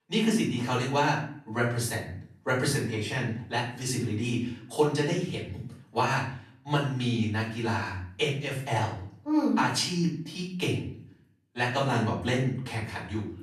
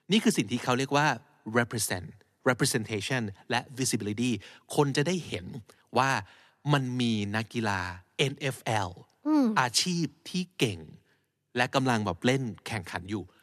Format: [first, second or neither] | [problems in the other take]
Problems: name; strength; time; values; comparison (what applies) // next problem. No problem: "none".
second | room echo; noticeable; dies away in 0.5 s // off-mic speech; far